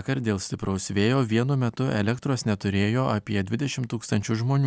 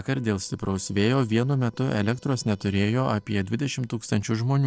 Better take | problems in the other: first | noise reduction (neural separator model SepFormer DNS4)

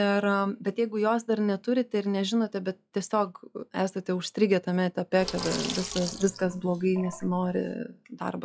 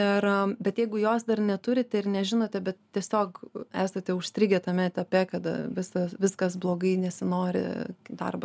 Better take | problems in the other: second | noise reduction (classical method log-MMSE)

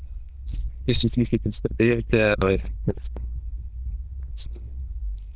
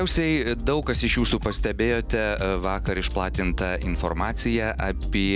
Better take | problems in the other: second | noise reduction (neural diffusion model UNIVERSE++)

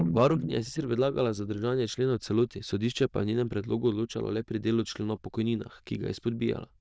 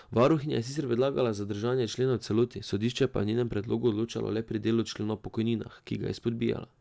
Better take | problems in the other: second | noise reduction (neural diffusion model UNIVERSE++)

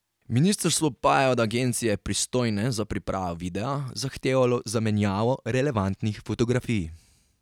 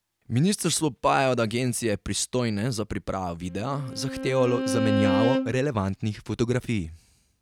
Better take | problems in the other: first | background sound (Bowed string instrument); 3 dB below the speech

